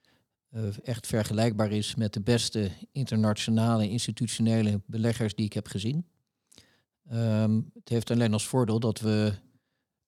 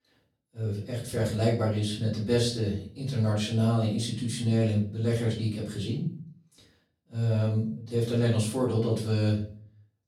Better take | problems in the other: first | off-mic speech; far // room echo; noticeable; dies away in 0.4 s

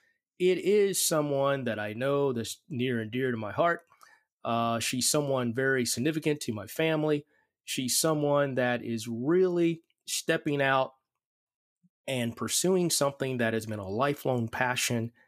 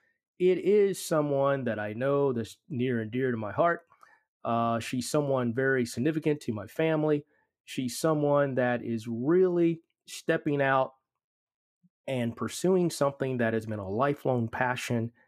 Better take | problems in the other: first | muffled; slightly; fading above 2.5 kHz

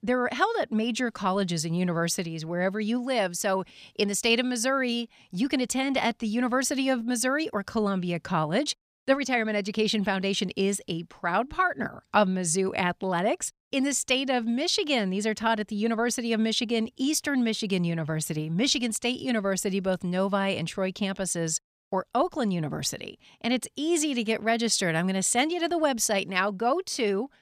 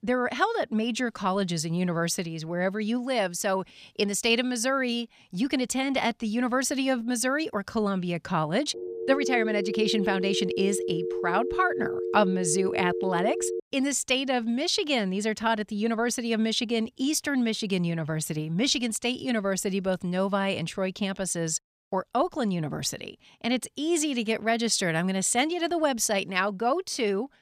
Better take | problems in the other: first | phone ringing; noticeable; from 8.5 to 14 s; peak 3 dB below the speech

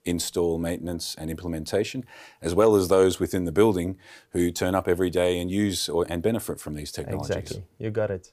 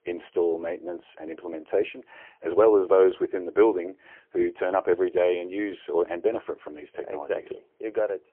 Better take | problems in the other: first | phone-call audio; poor line; nothing above 3.5 kHz

